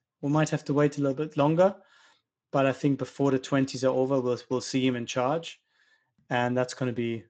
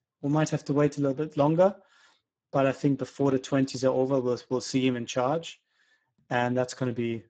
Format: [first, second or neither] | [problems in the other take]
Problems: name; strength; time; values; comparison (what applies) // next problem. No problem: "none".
first | garbled, watery; badly; nothing above 7.5 kHz; slightly in the first